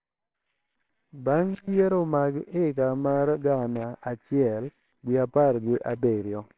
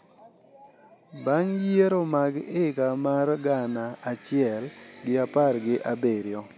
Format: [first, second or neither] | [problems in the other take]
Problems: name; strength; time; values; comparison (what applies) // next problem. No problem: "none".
second | noise reduction (neural separator model SepFormer WHAMR!)